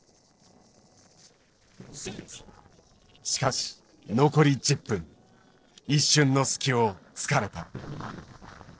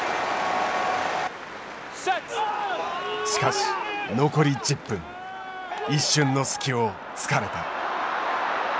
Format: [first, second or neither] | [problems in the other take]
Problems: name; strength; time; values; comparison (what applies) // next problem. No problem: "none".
second | noise reduction (neural separator model SepFormer DNS4)